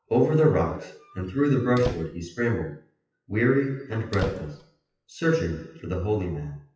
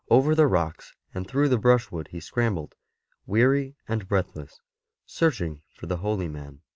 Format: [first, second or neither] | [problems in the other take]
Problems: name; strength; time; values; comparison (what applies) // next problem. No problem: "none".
second | noise reduction (classical method WPE with log-MMSE)